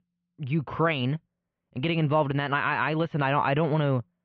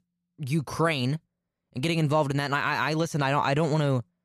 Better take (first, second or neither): second